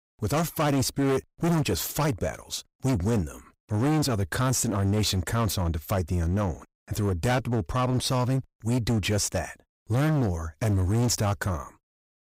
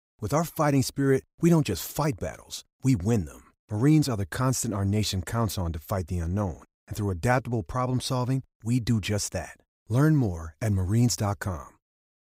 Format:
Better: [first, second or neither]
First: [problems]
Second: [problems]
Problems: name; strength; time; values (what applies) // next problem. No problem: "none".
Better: second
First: distortion; heavy; 17% of the sound clipped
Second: none